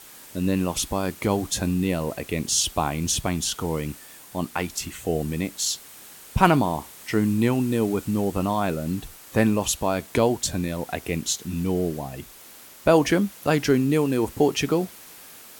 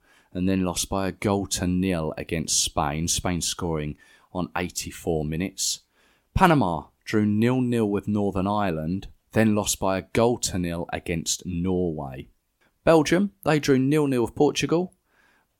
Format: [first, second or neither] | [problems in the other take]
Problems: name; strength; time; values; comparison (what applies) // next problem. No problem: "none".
second | hiss; noticeable; throughout; 20 dB below the speech